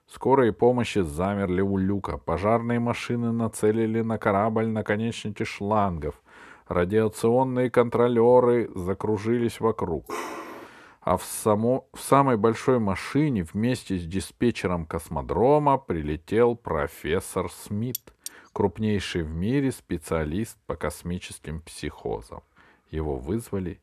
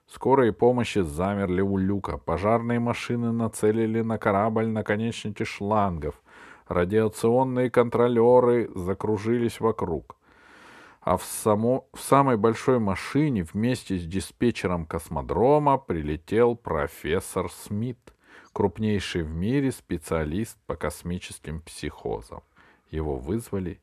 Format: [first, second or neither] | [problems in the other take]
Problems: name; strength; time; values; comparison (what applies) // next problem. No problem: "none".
second | dog barking; noticeable; at 10 s; peak 8 dB below the speech // clattering dishes; noticeable; at 18 s; peak 10 dB below the speech